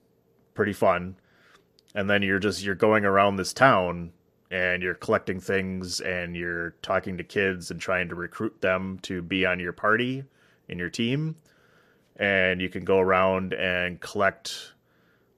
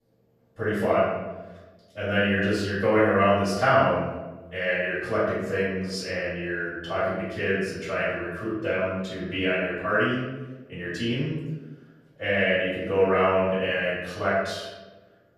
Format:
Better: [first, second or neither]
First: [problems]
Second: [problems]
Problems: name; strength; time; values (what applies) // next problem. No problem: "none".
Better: first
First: none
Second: off-mic speech; far // room echo; noticeable; dies away in 1.1 s